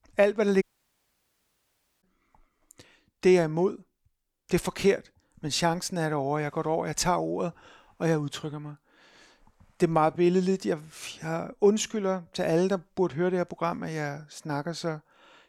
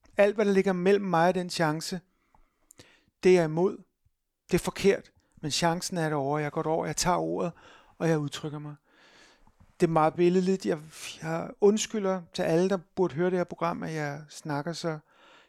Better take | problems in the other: second | audio cutting out; at 0.5 s for 1.5 s

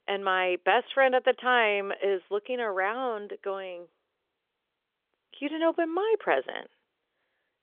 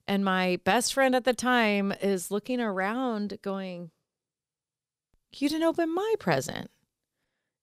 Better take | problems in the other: second | phone-call audio; nothing above 3.5 kHz

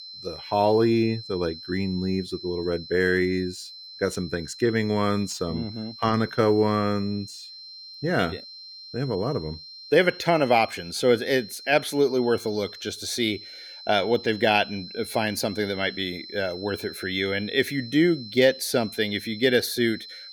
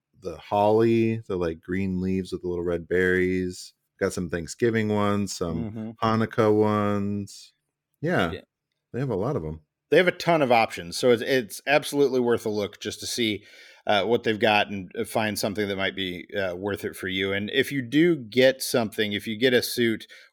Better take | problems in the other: second | high-pitched whine; noticeable; throughout; 4 kHz, 15 dB below the speech

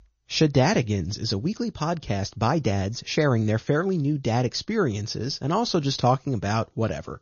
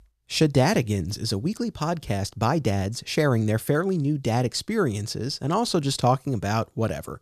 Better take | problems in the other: second | garbled, watery; slightly; nothing above 6.5 kHz

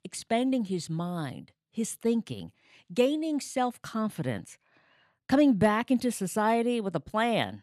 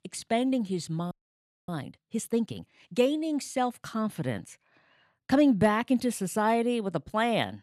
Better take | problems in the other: first | audio freezing; at 1 s for 0.5 s

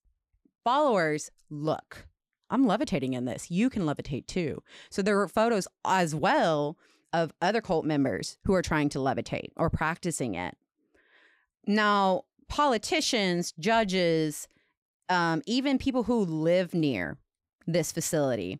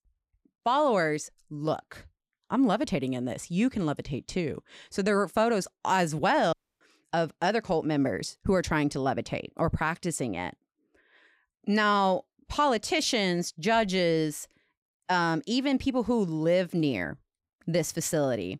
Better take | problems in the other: first | audio cutting out; at 6.5 s

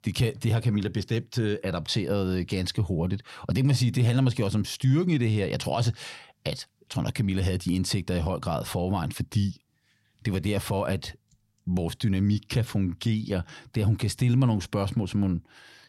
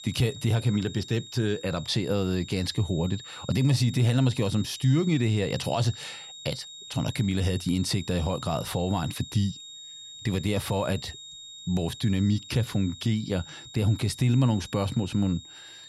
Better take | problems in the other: first | high-pitched whine; noticeable; throughout; 4 kHz, 15 dB below the speech

